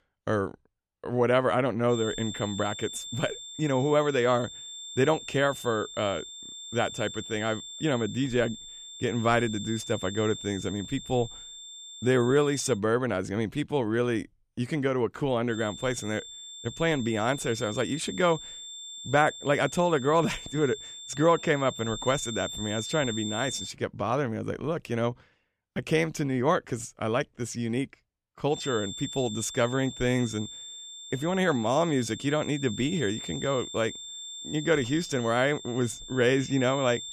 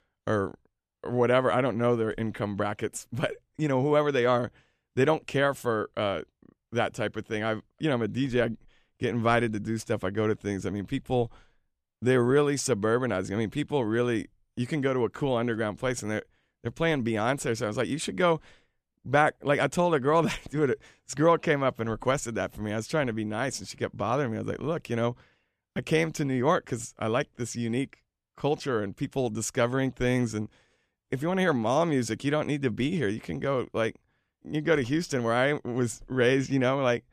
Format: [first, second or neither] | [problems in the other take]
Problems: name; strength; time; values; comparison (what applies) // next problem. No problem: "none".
second | high-pitched whine; noticeable; from 2 to 13 s, from 16 to 24 s and from 29 s on; 3.5 kHz, 10 dB below the speech